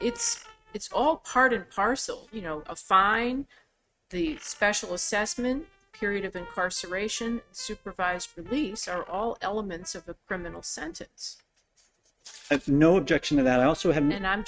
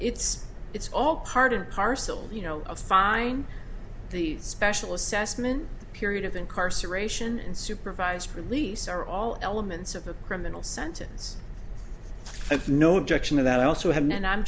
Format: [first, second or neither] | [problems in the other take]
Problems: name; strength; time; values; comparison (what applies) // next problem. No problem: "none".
second | noise reduction (neural mask model RNNoise)